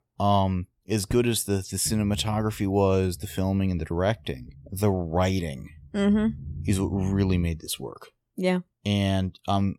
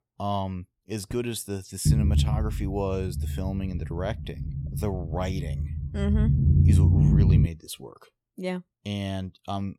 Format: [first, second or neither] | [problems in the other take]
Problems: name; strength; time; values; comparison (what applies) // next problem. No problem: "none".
first | low rumble; loud; from 2 to 7.5 s; 1 dB below the speech; faint in the first